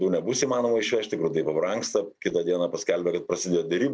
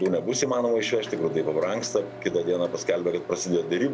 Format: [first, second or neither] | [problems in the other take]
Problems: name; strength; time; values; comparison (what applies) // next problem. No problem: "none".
first | background sound (Microwave oven); 14 dB below the speech